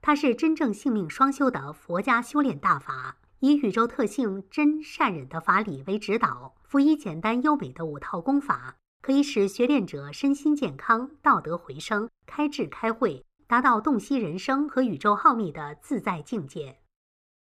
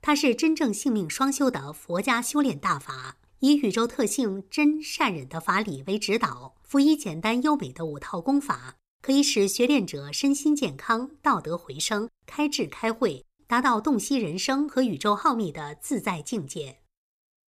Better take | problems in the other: second | muffled; slightly; fading above 3.5 kHz

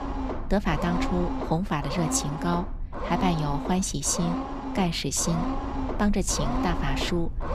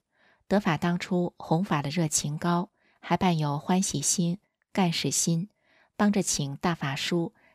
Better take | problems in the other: second | low rumble; loud; throughout; 4 dB below the speech

